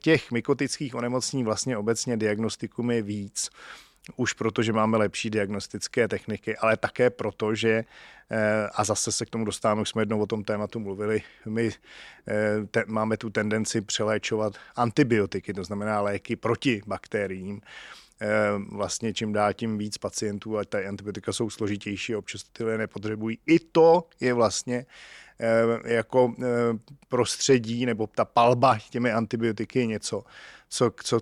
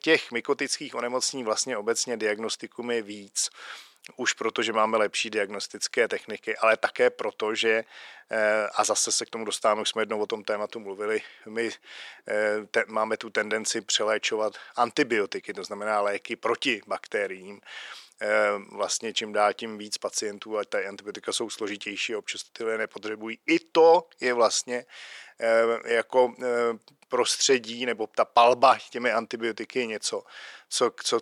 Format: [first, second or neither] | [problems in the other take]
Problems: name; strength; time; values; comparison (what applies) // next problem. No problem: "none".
first | thin; somewhat; fading below 450 Hz